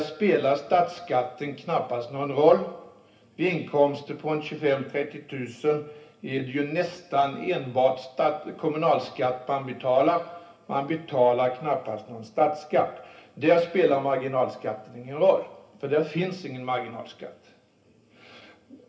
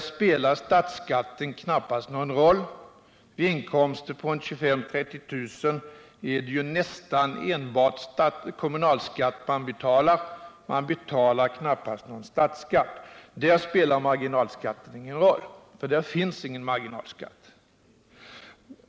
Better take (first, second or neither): second